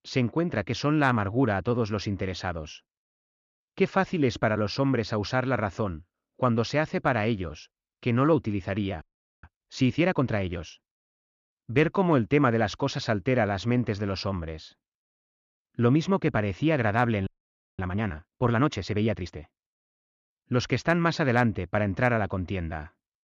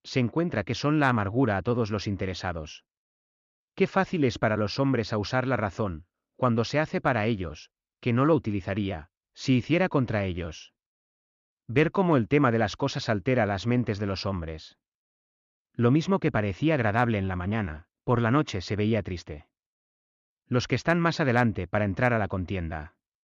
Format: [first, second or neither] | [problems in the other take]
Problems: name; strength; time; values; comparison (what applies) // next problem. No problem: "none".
second | audio freezing; at 9 s and at 17 s for 0.5 s